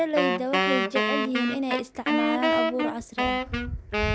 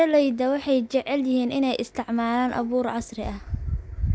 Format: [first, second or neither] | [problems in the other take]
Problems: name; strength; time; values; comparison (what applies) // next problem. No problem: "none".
second | background sound (Wind instrument, woodwind instrument); 3 dB above the speech